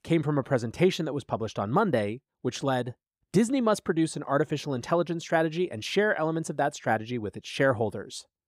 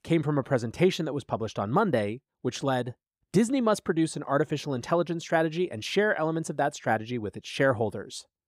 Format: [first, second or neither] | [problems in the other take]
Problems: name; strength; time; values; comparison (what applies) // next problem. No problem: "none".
neither | none